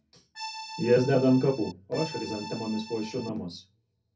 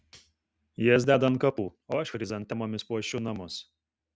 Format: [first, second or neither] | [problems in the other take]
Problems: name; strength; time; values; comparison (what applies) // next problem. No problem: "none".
second | background sound (Accordion); 12 dB below the speech // room echo; dies away in 0.3 s